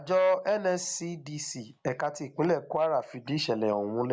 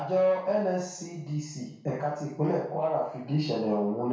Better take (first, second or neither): first